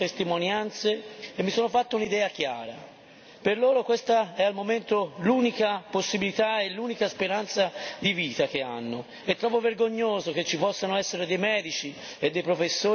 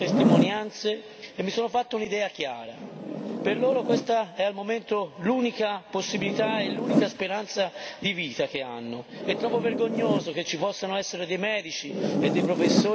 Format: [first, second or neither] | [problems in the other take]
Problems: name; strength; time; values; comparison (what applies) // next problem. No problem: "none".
first | background sound (Zipper (clothing)); 1 dB below the speech